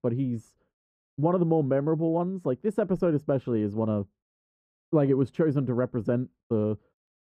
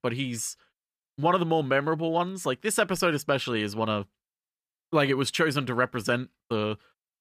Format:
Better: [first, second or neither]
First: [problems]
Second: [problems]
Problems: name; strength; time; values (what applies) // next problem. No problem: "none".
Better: second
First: muffled; very; fading above 1 kHz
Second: none